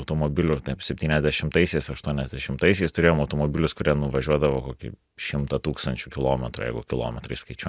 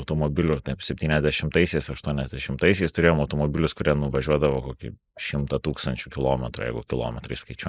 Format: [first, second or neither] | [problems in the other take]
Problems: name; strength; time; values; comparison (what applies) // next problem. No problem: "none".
first | noise reduction (neural mask model Resemble Enhance denoiser)